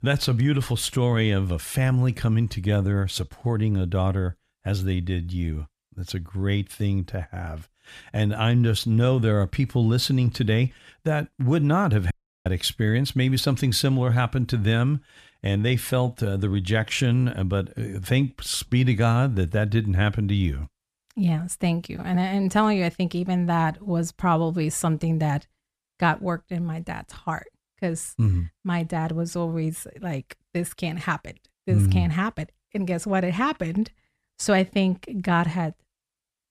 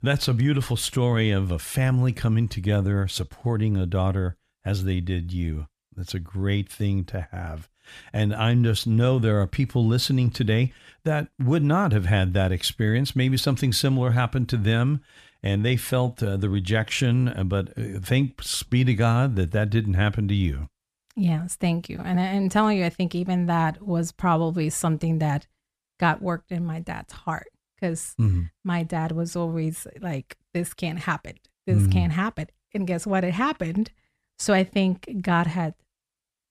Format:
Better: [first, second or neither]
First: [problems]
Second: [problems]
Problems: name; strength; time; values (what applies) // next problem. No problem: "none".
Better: second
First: audio cutting out; at 12 s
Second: none